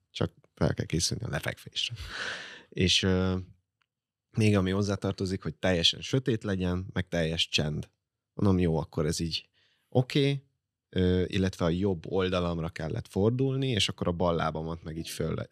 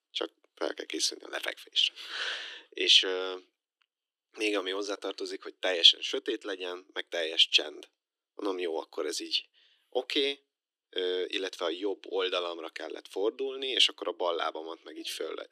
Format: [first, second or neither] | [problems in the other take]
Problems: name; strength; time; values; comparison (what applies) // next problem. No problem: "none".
first | thin; very; fading below 300 Hz